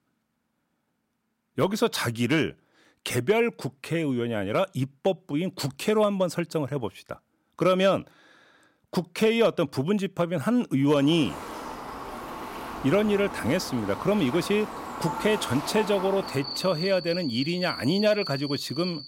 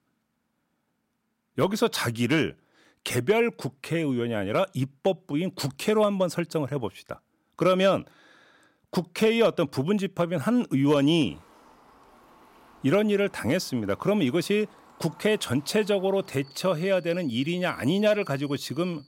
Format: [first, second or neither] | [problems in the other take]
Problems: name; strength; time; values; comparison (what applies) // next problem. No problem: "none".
second | animal sounds; loud; from 11 s on; 9 dB below the speech; faint in the second